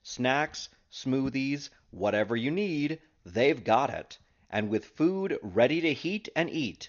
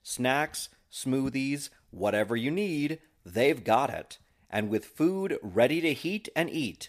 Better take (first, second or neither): second